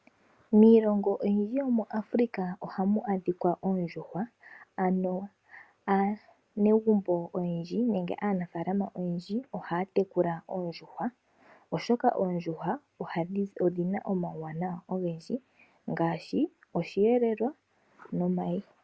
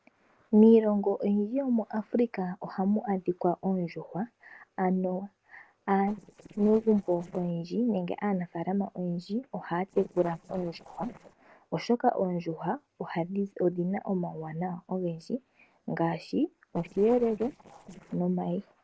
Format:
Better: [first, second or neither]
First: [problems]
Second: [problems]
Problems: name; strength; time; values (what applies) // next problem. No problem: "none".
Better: first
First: none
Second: noise reduction (neural separator model SepFormer DNS4)